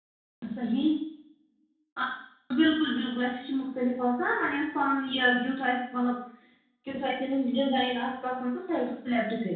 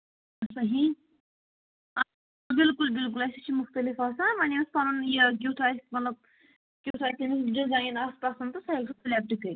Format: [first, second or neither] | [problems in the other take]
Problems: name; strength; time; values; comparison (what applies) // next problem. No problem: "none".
second | room echo; dies away in 0.7 s